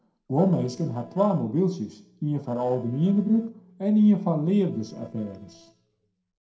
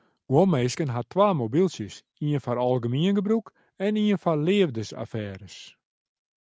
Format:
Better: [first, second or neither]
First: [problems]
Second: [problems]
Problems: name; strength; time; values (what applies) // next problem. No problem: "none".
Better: second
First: noise reduction (neural separator model SepFormer DNS4)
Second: none